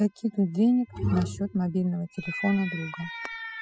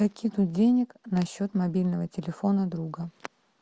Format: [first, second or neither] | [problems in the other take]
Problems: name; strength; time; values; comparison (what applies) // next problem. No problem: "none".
second | noise reduction (classical method spectral subtraction)